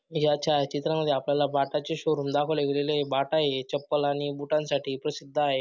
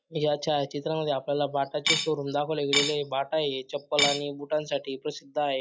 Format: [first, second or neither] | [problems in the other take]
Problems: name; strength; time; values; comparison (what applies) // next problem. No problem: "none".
first | noise reduction (classical method log-MMSE)